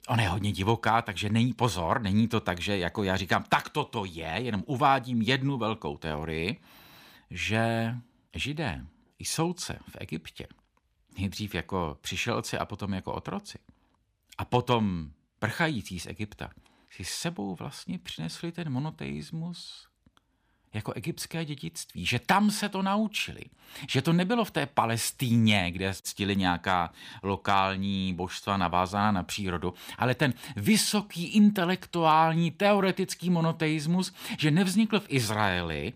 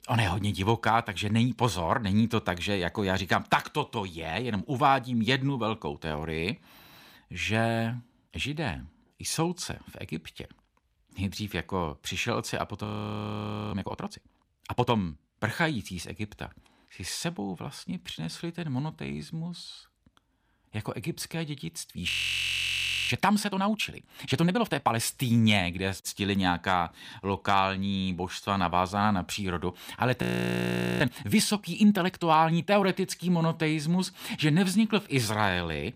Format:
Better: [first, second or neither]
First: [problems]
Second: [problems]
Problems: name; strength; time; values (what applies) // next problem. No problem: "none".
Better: first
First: none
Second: audio freezing; at 13 s for 1 s, at 22 s for 1 s and at 30 s for 1 s